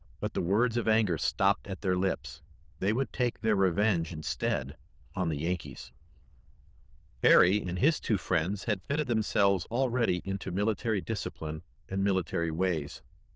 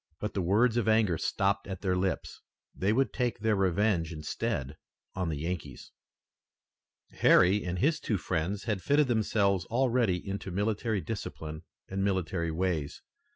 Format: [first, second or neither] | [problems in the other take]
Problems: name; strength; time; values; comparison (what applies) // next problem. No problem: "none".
second | noise reduction (neural diffusion model UNIVERSE++)